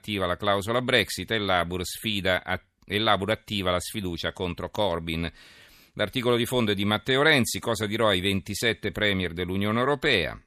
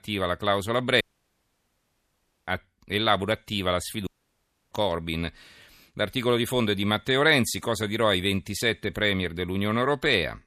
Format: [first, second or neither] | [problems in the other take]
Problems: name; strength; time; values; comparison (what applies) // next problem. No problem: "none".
first | audio cutting out; at 1 s for 1.5 s and at 4 s for 0.5 s